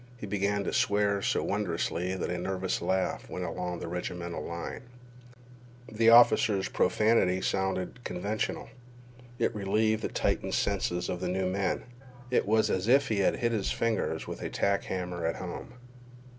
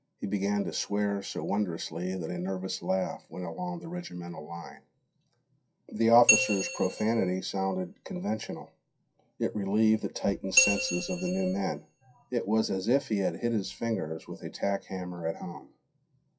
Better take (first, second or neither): first